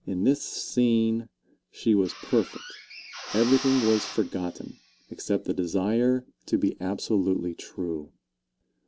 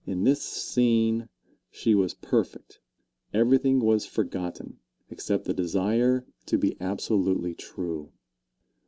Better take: second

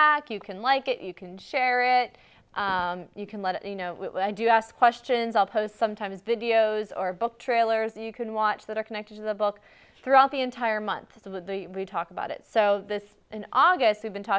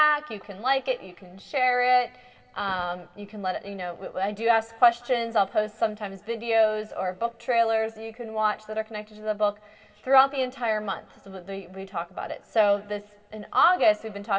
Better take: first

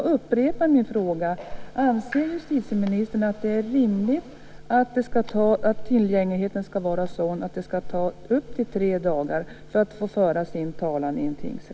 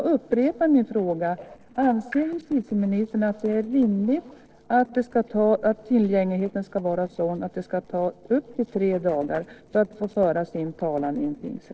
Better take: first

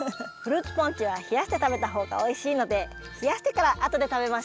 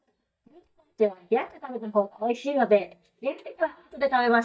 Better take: first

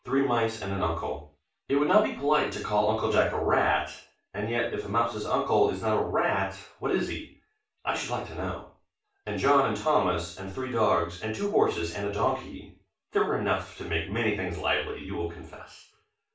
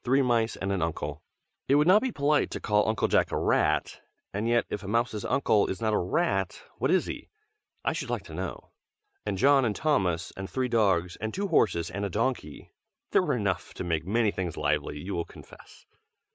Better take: second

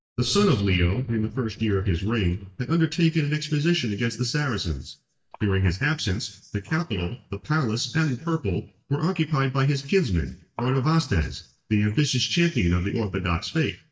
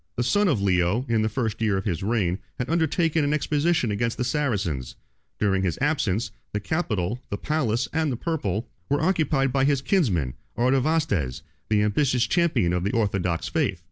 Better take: second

